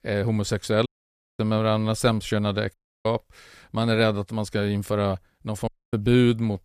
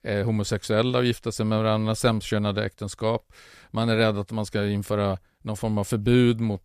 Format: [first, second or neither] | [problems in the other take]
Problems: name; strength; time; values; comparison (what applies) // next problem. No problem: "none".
second | audio cutting out; at 1 s for 0.5 s, at 2.5 s and at 5.5 s